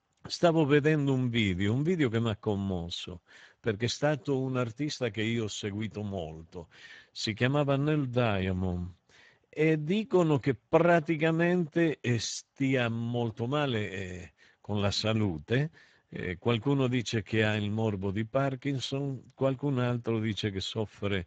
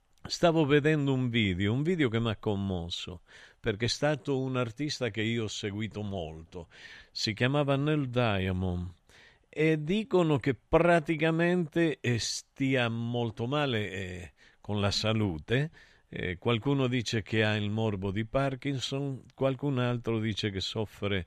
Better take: second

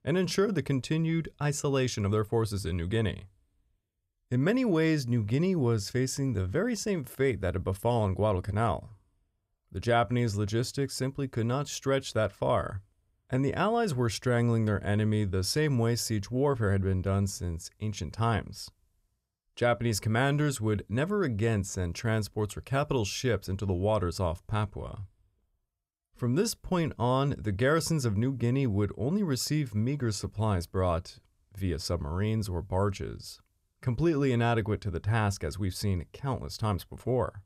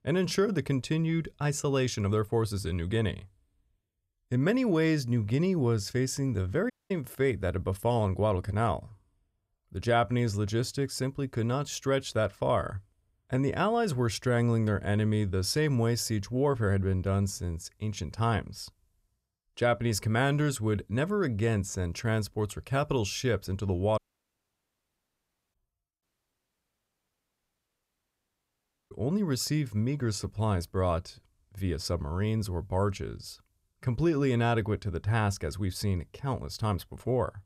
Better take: first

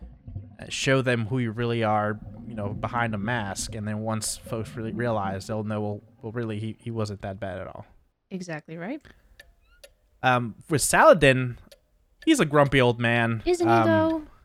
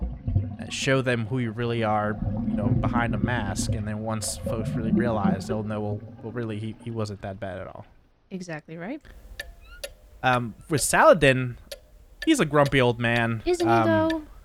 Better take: first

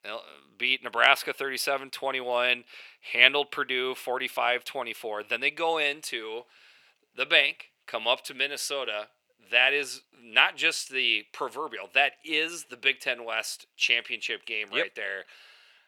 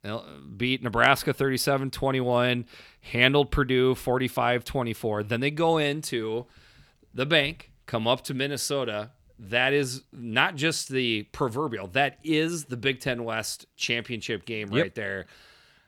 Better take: second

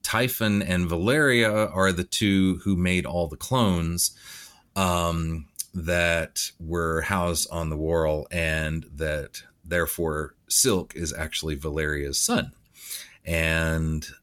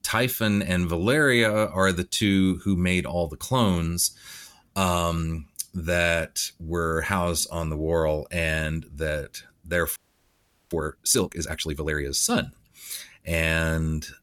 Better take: first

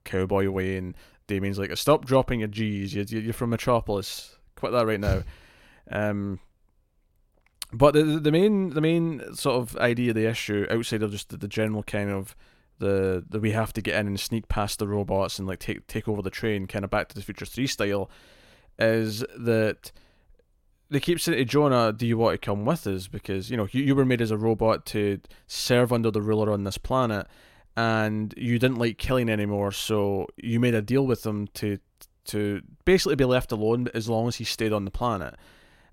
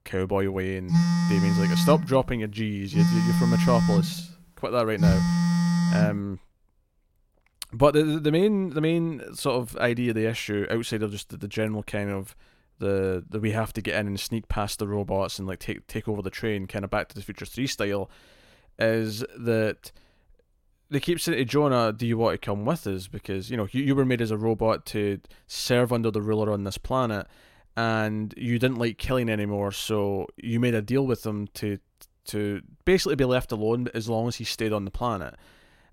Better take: first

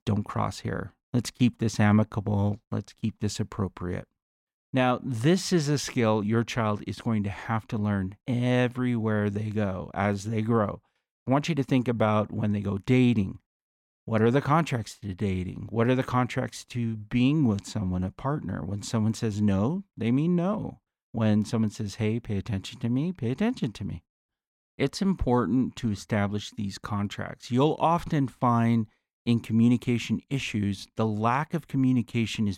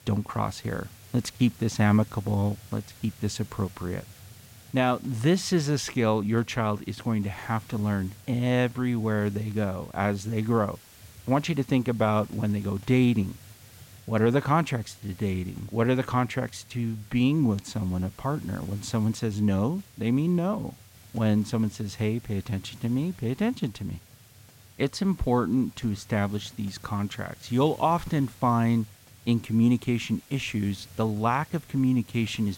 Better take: first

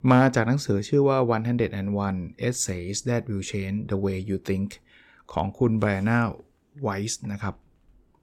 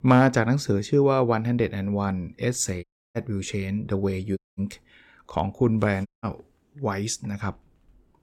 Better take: first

